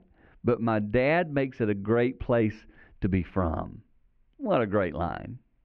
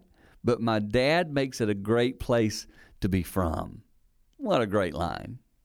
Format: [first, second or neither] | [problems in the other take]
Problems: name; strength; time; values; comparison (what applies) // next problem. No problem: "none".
second | muffled; very; fading above 2.5 kHz